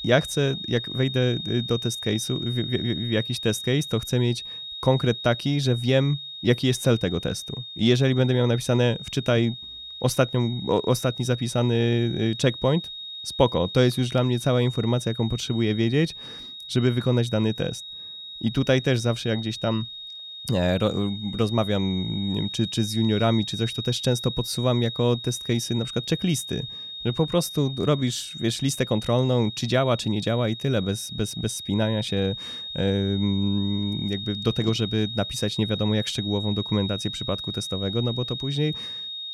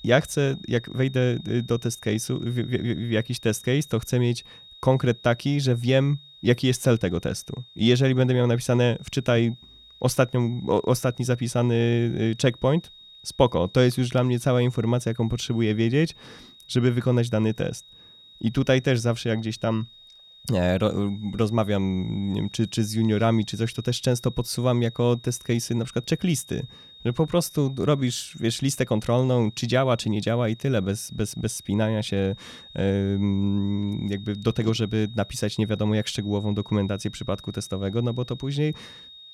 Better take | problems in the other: second | high-pitched whine; loud; throughout; 3.5 kHz, 9 dB below the speech; faint in the second

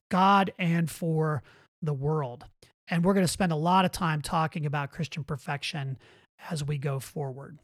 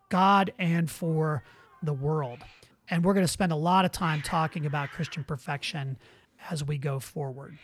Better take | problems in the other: first | hiss; noticeable; throughout; 20 dB below the speech

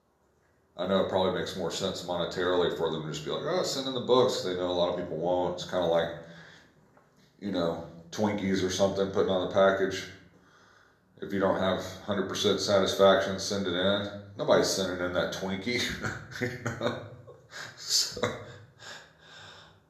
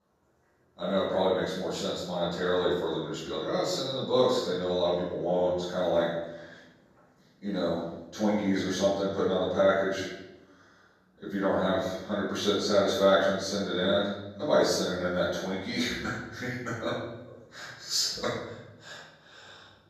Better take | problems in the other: first | room echo; strong; dies away in 0.8 s; slight in the first // off-mic speech; far; somewhat distant in the first

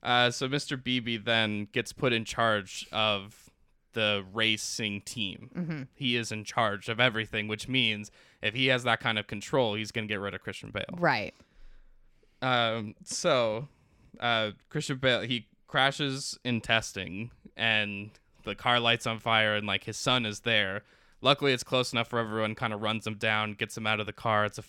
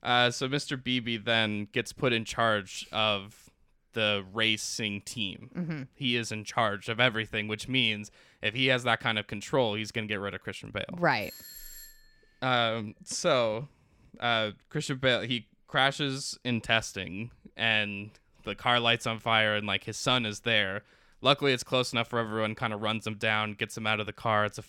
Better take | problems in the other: first | doorbell; faint; at 11 s; peak 15 dB below the speech

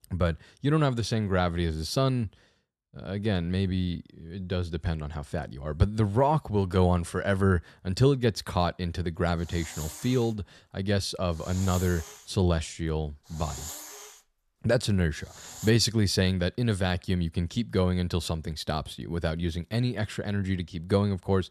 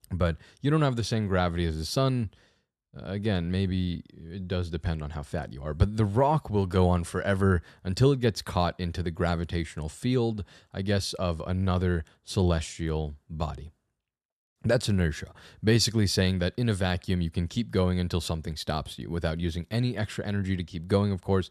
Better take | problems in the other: second | hiss; noticeable; from 9 to 16 s; 15 dB below the speech

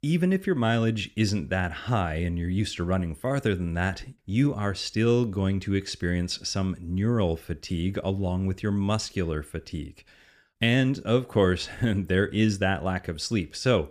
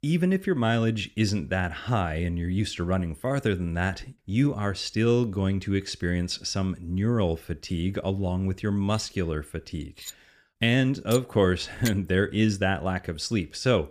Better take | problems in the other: first | clattering dishes; noticeable; from 9 to 12 s; peak 9 dB below the speech

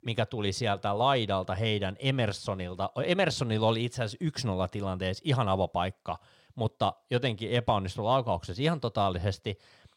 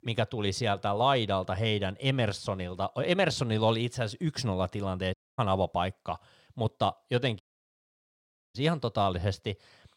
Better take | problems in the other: first | audio cutting out; at 5 s and at 7.5 s for 1 s

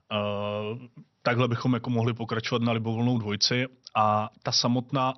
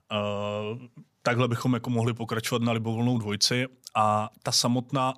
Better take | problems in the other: second | garbled, watery; slightly; nothing above 6 kHz

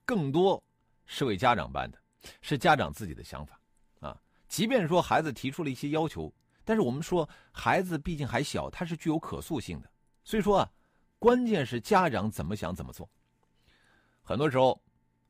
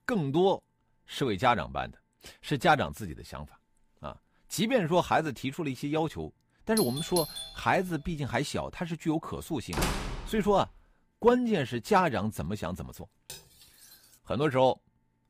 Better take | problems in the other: first | doorbell; noticeable; at 7 s; peak 5 dB below the speech // door banging; noticeable; at 9.5 s; peak 2 dB below the speech // clattering dishes; faint; at 13 s; peak 15 dB below the speech

